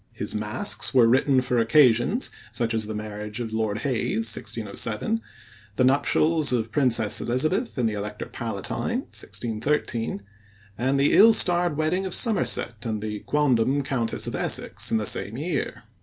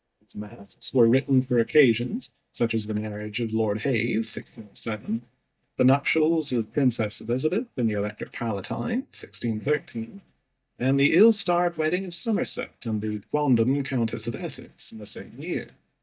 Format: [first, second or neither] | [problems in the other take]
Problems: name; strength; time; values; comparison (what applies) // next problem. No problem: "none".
first | noise reduction (neural mask model DeepFilterNet 3)